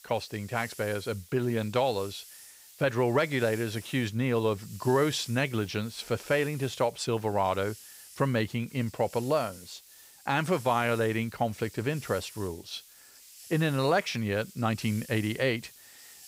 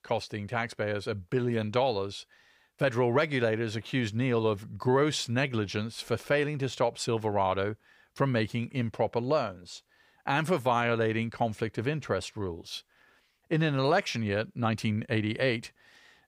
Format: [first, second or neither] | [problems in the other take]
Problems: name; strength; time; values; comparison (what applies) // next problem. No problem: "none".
second | hiss; noticeable; throughout; 20 dB below the speech